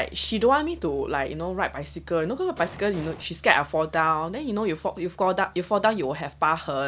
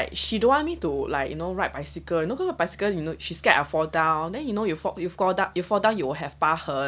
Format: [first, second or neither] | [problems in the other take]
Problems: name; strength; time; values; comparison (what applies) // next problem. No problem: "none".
second | background sound (Explosion); 16 dB below the speech